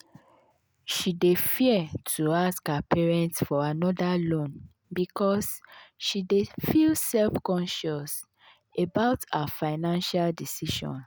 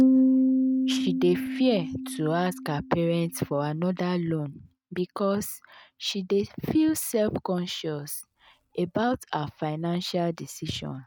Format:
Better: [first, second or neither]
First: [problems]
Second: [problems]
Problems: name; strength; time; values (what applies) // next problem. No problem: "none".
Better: first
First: none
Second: noise reduction (neural mask model RNNoise)